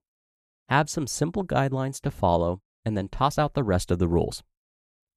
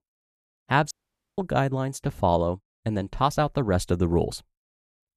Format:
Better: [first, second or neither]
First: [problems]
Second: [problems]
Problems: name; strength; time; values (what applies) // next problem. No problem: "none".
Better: first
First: none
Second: audio cutting out; at 1 s